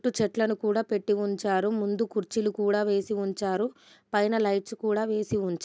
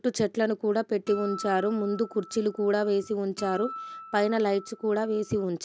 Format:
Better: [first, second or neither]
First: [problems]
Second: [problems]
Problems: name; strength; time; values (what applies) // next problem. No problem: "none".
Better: first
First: none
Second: background sound (Acoustic guitar); 15 dB below the speech